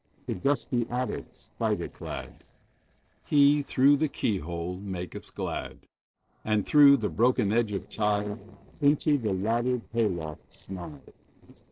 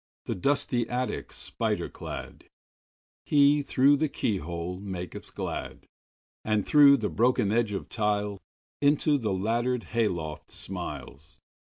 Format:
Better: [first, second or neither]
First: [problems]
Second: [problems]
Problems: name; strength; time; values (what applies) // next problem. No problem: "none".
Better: second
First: noise reduction (neural separator model SepFormer DNS4)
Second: none